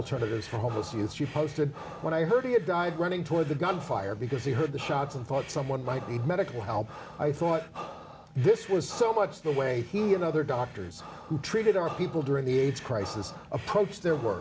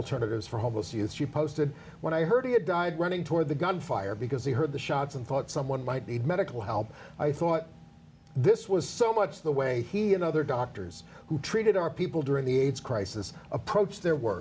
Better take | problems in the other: second | background sound (Breathing); 16 dB below the speech

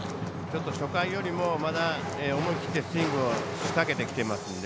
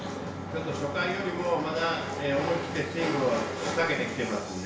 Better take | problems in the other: first | room echo; dies away in 0.5 s

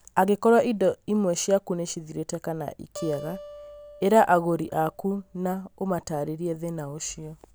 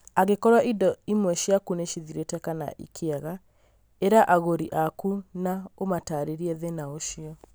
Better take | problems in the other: second | background sound (Acoustic guitar); 18 dB below the speech

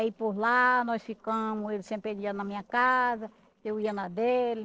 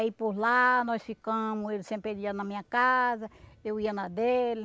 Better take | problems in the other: second | noise reduction (neural separator model SepFormer DNS4)

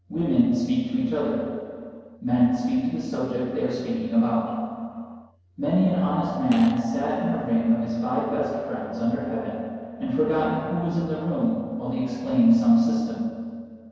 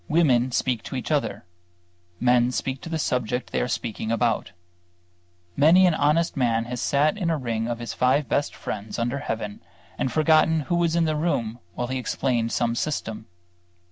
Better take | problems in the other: second | noise reduction (neural separator model SepFormer DNS4)

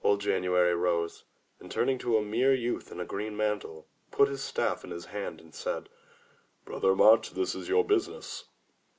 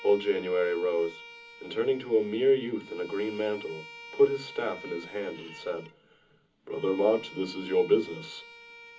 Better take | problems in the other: first | background sound (Bowed string instrument); 18 dB below the speech // room echo; dies away in 0.4 s

